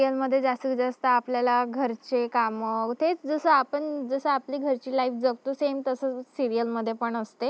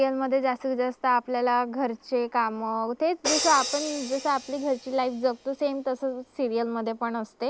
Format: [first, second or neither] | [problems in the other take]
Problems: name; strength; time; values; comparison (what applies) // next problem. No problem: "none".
first | background sound (Crash cymbal); 11 dB below the speech